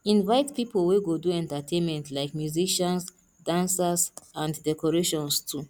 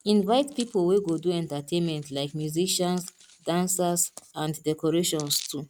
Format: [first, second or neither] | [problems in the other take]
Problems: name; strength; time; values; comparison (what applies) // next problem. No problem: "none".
first | noise reduction (neural mask model RNNoise)